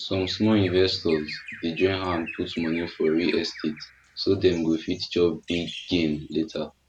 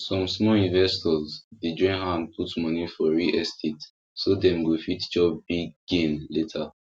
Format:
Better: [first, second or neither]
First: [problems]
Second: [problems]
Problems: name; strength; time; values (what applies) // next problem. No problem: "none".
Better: second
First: background sound (Bird vocalization, bird call, bird song); 17 dB below the speech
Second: none